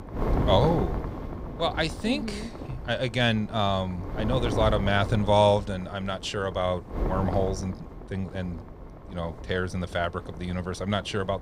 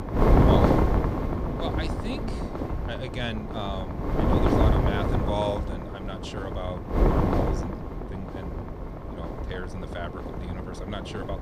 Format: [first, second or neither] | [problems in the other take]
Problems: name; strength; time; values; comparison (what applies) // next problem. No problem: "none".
first | wind noise on the microphone; heavy; 4 dB above the speech; occasional gusts in the first